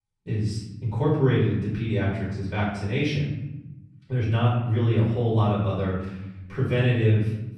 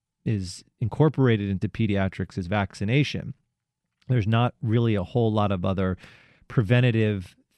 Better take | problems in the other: second | off-mic speech; far // room echo; noticeable; dies away in 0.9 s

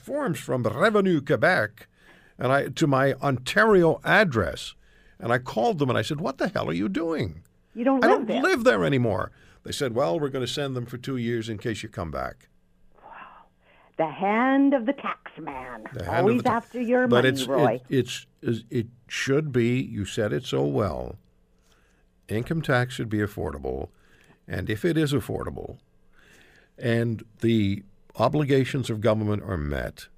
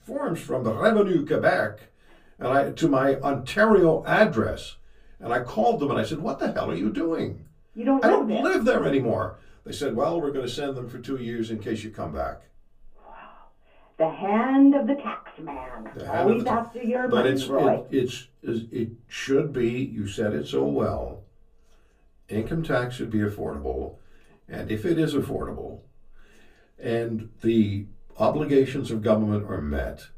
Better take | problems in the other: first | off-mic speech; far // room echo; very slight; dies away in 0.2 s

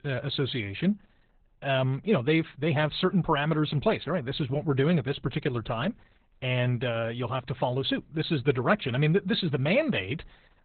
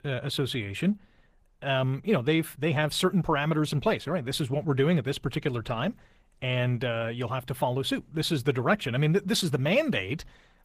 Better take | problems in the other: second | garbled, watery; badly; nothing above 4 kHz; slightly in the second

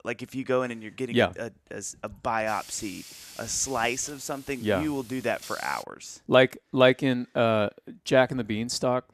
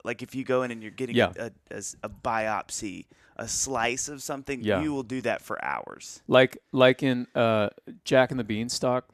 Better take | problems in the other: second | hiss; noticeable; from 2.5 to 6 s; 15 dB below the speech

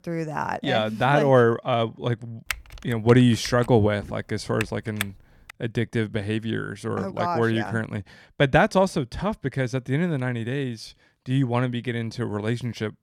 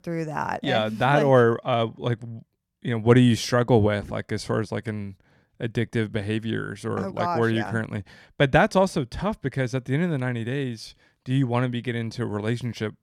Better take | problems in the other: second | keyboard typing; noticeable; from 2.5 to 5.5 s; peak 8 dB below the speech

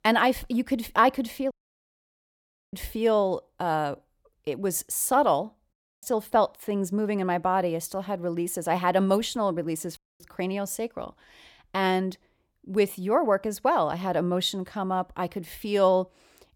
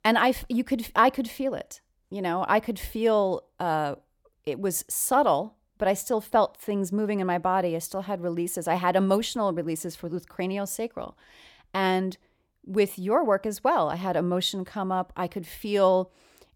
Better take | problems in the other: second | audio cutting out; at 1.5 s for 1 s, at 5.5 s and at 10 s

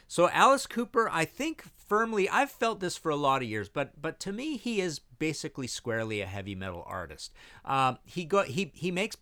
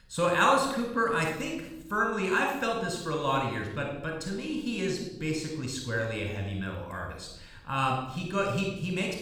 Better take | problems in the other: first | off-mic speech; somewhat distant // room echo; noticeable; dies away in 0.8 s

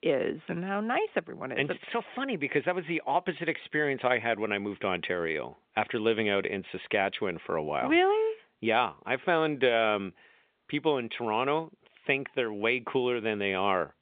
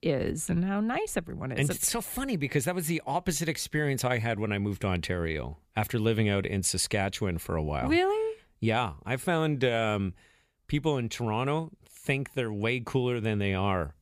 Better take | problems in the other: second | phone-call audio; nothing above 3.5 kHz

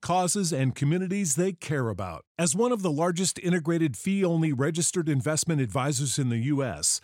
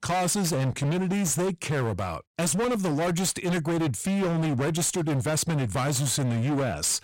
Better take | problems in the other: first | distortion; heavy; 38% of the sound clipped

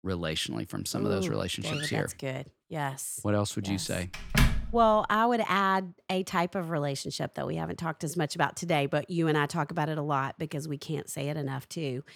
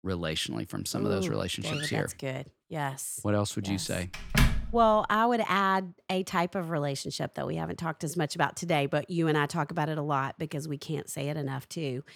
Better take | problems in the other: neither | door banging; loud; from 1.5 to 5 s; peak 4 dB above the speech; the same in both

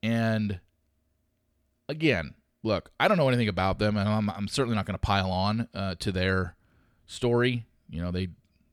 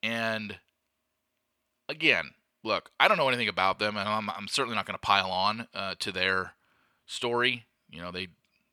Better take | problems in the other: first | thin; somewhat; fading below 750 Hz

